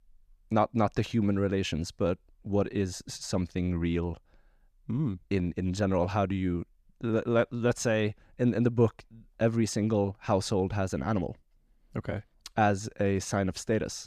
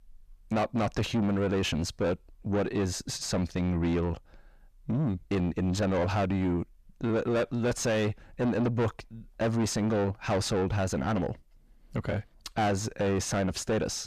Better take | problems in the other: first | distortion; heavy; 6 dB below the speech

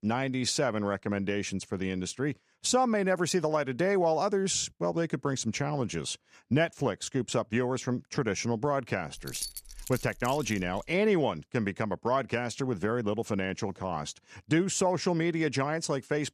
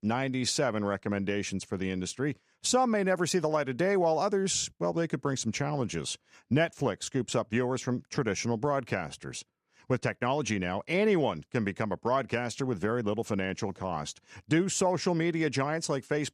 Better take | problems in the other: second | jangling keys; noticeable; from 9 to 11 s; peak 6 dB below the speech

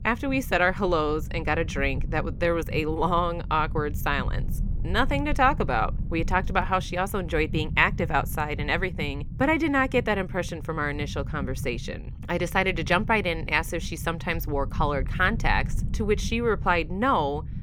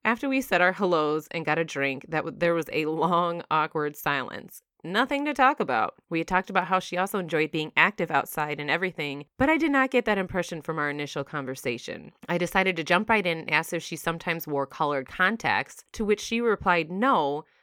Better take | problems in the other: second | low rumble; faint; throughout; 20 dB below the speech

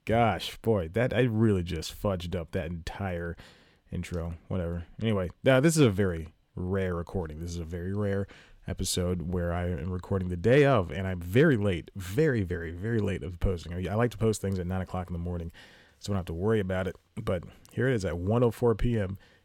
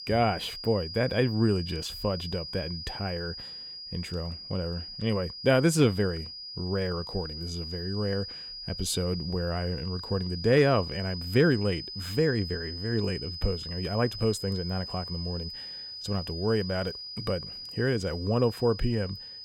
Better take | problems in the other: first | high-pitched whine; loud; throughout; 5 kHz, 8 dB below the speech

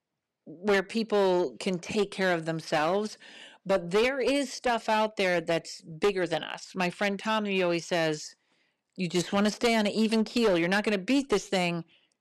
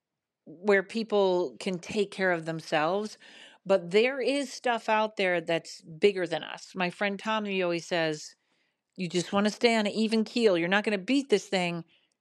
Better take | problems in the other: second | distortion; slight; 8% of the sound clipped

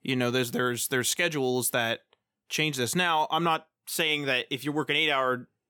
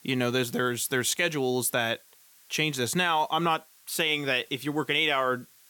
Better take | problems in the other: first | hiss; faint; throughout; 25 dB below the speech

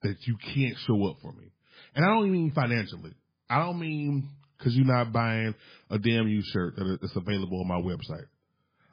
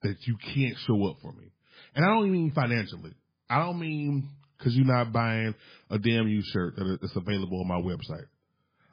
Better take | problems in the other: neither | garbled, watery; badly; nothing above 5 kHz; the same in both

